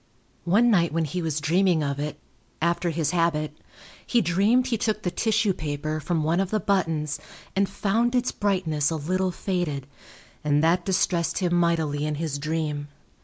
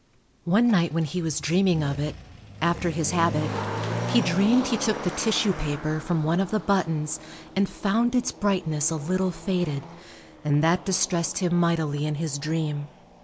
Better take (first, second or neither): first